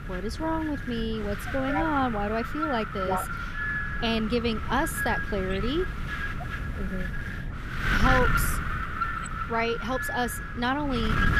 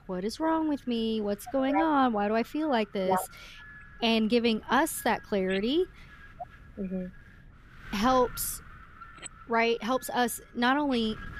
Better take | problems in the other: second | wind noise on the microphone; heavy; 1 dB below the speech; occasional gusts in the second

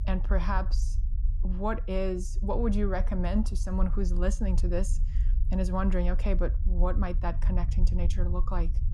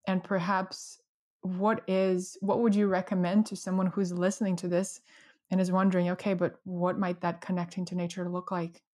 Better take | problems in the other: second | low rumble; noticeable; throughout; 15 dB below the speech

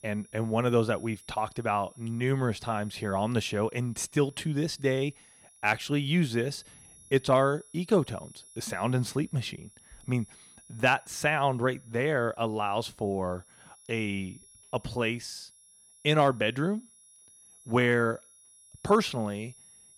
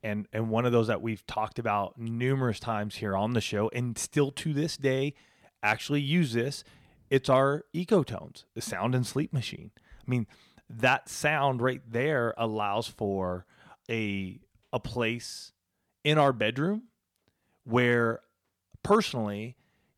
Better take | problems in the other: second | high-pitched whine; faint; throughout; 10.5 kHz, 25 dB below the speech

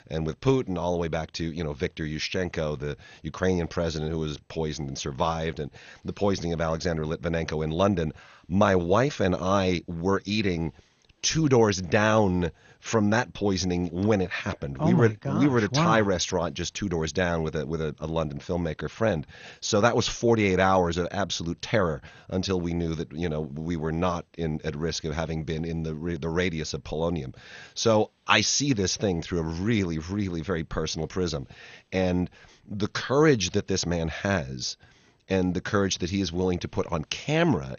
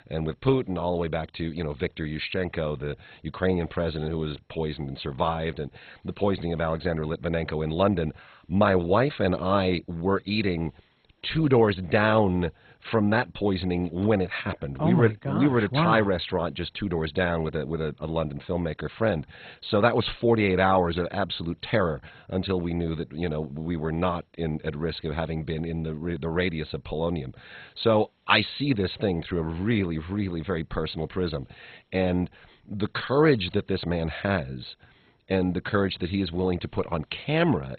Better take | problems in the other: first | garbled, watery; badly; nothing above 4 kHz; slightly in the first

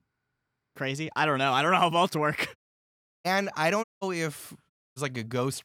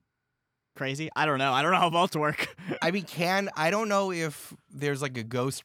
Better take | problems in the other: second | audio cutting out; at 2.5 s for 0.5 s, at 4 s and at 4.5 s

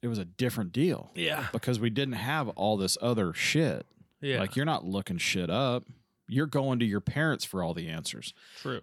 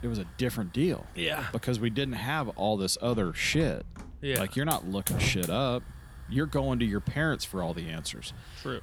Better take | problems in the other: first | hiss; noticeable; throughout; 10 dB below the speech

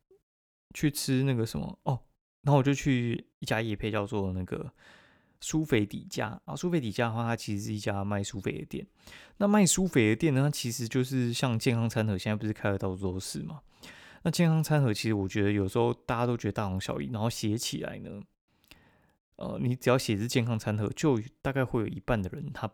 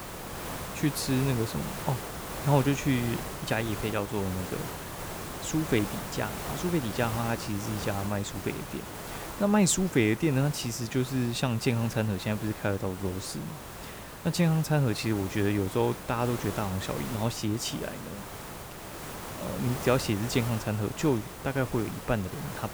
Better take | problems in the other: first | hiss; loud; throughout; 9 dB below the speech

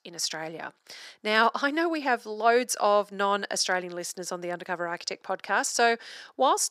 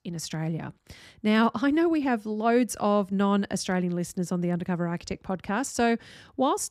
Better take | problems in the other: second | thin; very; fading below 600 Hz

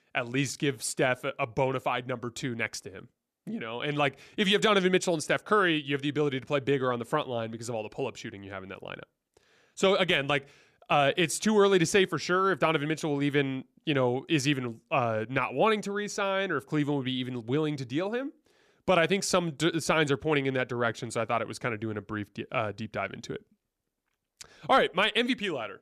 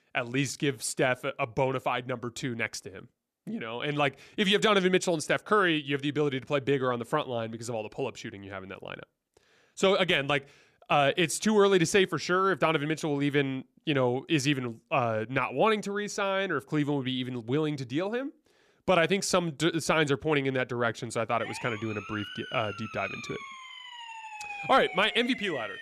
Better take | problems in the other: first | siren; noticeable; from 21 s on; peak 9 dB below the speech

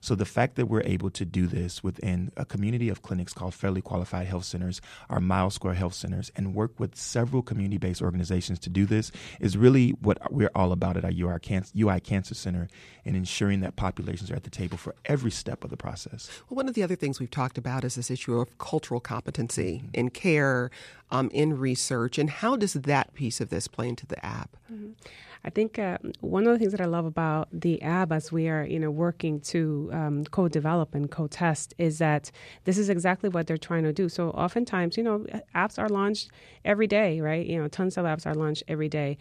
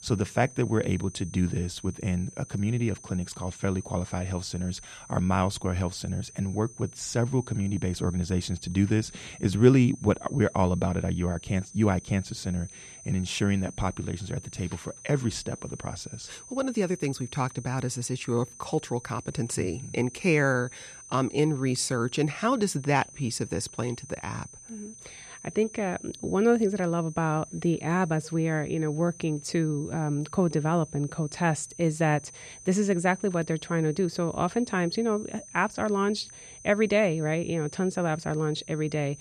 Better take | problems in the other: first | high-pitched whine; noticeable; throughout; 6 kHz, 15 dB below the speech

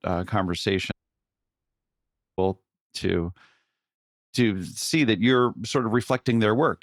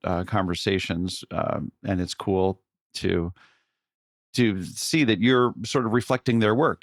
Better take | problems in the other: second | audio cutting out; at 1 s for 1.5 s

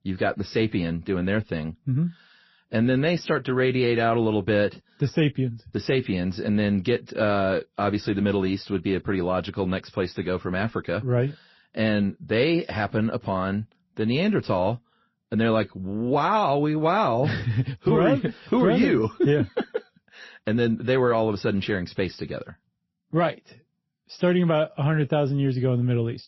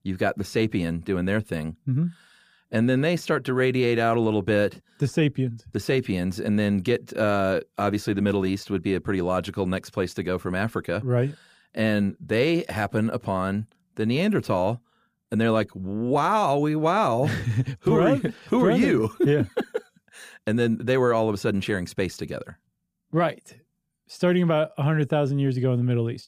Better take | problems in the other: second | garbled, watery; slightly; nothing above 5.5 kHz

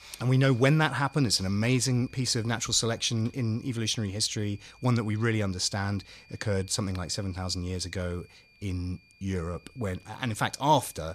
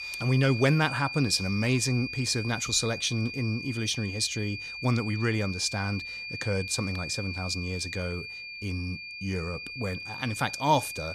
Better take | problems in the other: first | high-pitched whine; loud; throughout; 2.5 kHz, 7 dB below the speech; faint in the first

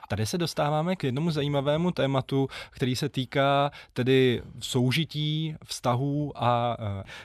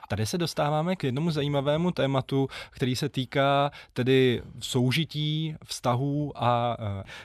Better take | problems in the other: neither | none

